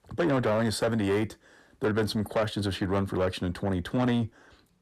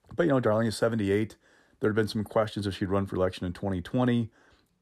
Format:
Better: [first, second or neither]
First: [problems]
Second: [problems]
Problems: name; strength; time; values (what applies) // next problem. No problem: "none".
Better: second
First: distortion; slight; 10 dB below the speech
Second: none